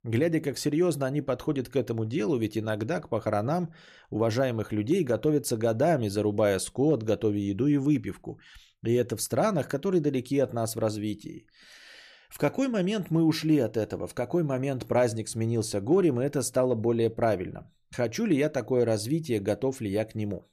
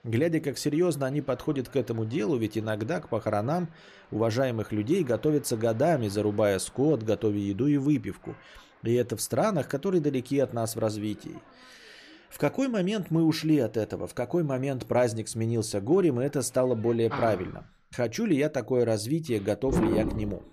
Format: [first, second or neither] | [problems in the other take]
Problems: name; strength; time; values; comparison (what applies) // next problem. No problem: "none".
first | animal sounds; loud; throughout; 6 dB below the speech